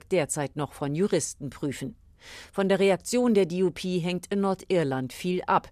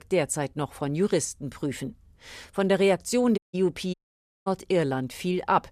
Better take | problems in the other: first | audio cutting out; at 3.5 s and at 4 s for 0.5 s

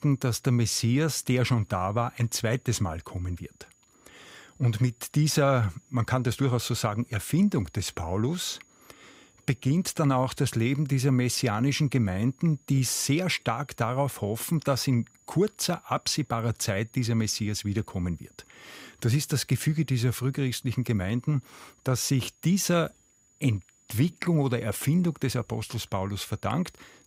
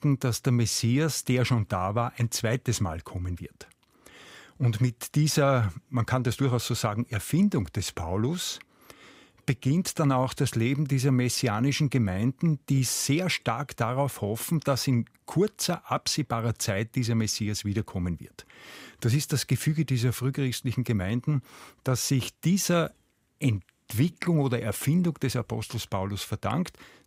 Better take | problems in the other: second | high-pitched whine; faint; throughout; 7 kHz, 35 dB below the speech

